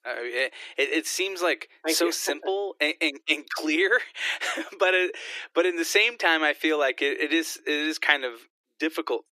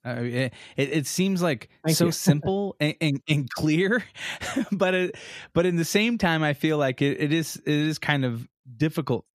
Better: second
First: thin; very; fading below 300 Hz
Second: none

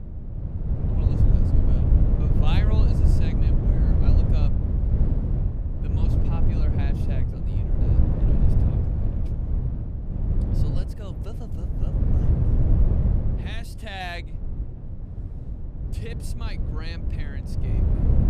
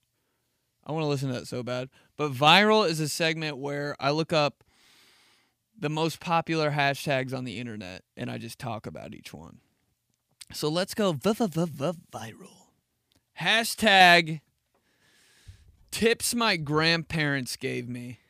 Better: second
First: wind noise on the microphone; heavy; 3 dB above the speech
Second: none

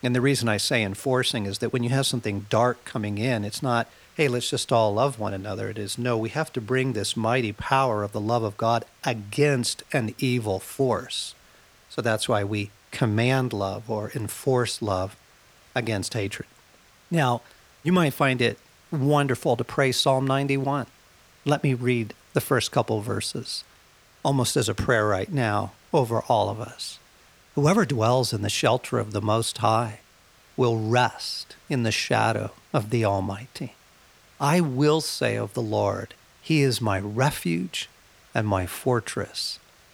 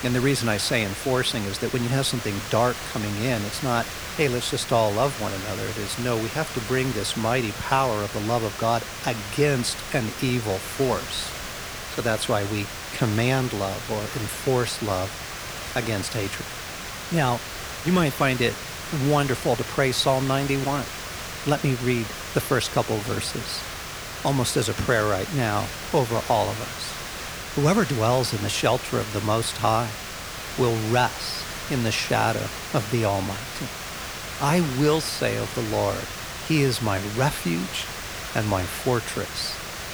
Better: first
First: hiss; faint; throughout; 30 dB below the speech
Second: hiss; loud; throughout; 7 dB below the speech

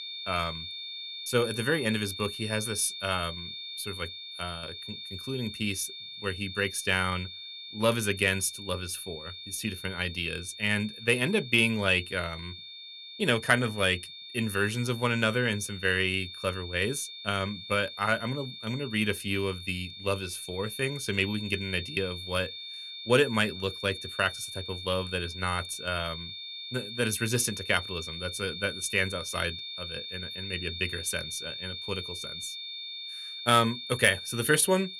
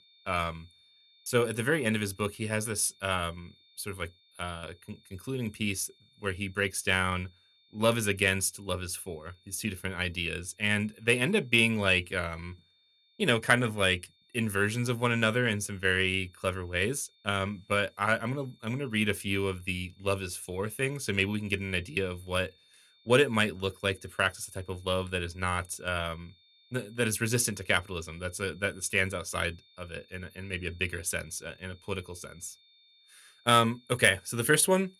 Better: second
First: high-pitched whine; loud; throughout; 3.5 kHz, 9 dB below the speech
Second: high-pitched whine; faint; throughout; 3.5 kHz, 30 dB below the speech

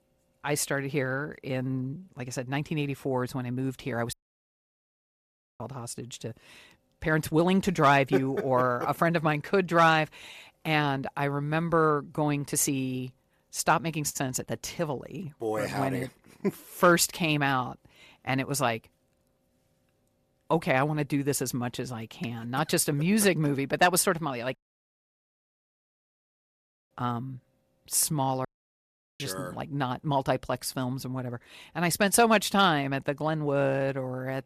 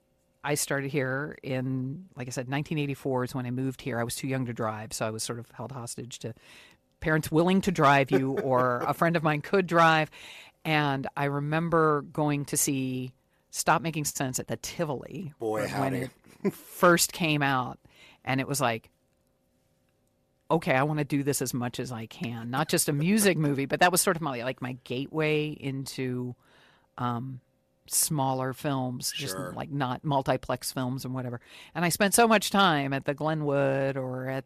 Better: second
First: audio cutting out; at 4 s for 1.5 s, at 25 s for 2.5 s and at 28 s for 1 s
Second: none

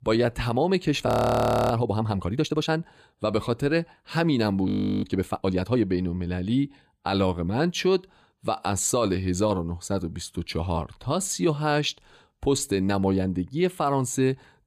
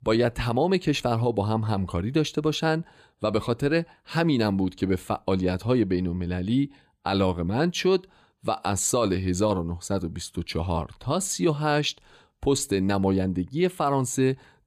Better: second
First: audio freezing; at 1 s for 0.5 s and at 4.5 s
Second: none

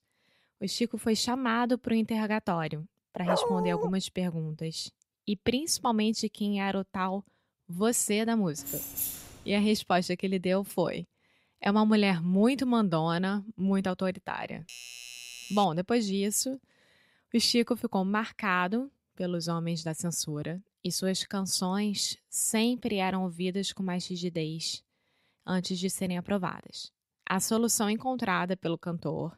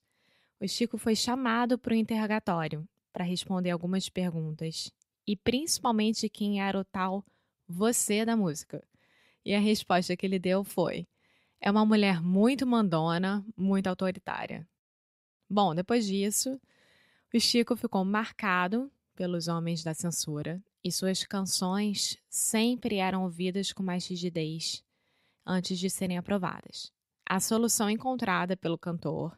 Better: second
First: dog barking; loud; at 3.5 s; peak 1 dB above the speech // jangling keys; noticeable; at 8.5 s; peak 2 dB below the speech // doorbell; faint; from 15 to 16 s; peak 10 dB below the speech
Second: none

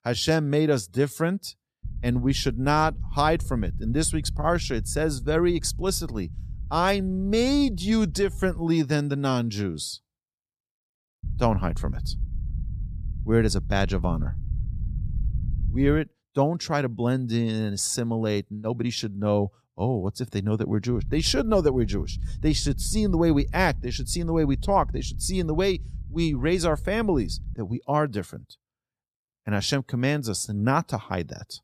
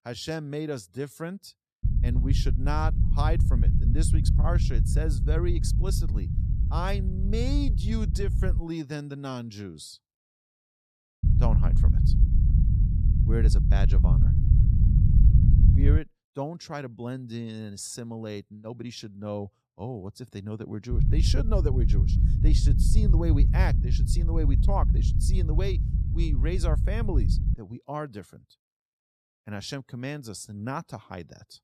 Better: first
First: low rumble; faint; from 2 to 8.5 s, from 11 to 16 s and from 21 to 28 s; 25 dB below the speech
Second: low rumble; loud; from 2 to 8.5 s, from 11 to 16 s and from 21 to 28 s; 4 dB below the speech

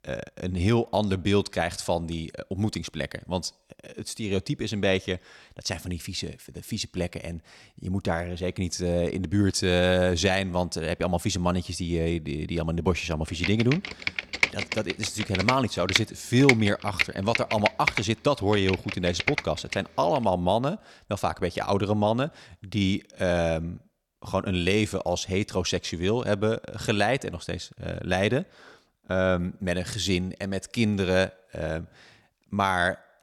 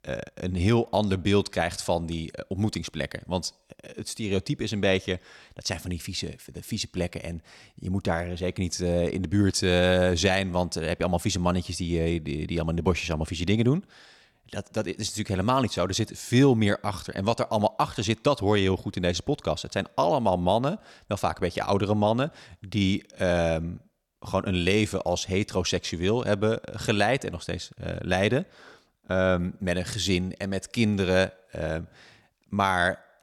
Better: second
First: keyboard typing; loud; from 13 to 20 s; peak 3 dB above the speech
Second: none

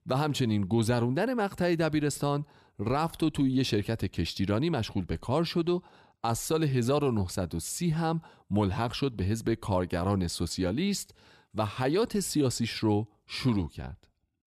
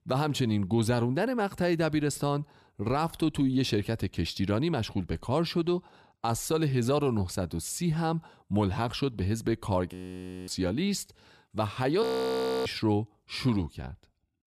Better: first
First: none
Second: audio freezing; at 10 s for 0.5 s and at 12 s for 0.5 s

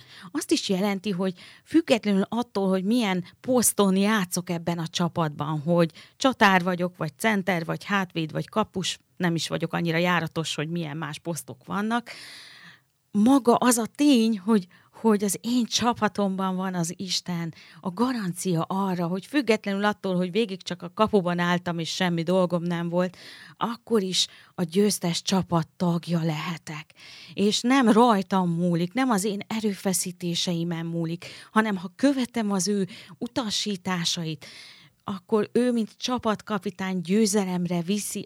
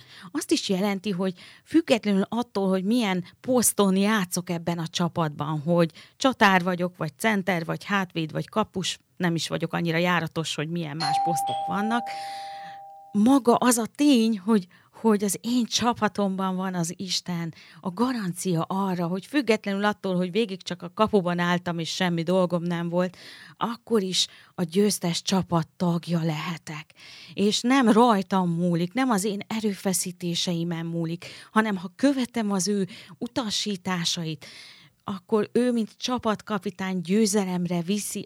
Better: first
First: none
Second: doorbell; loud; from 11 to 13 s; peak level with the speech

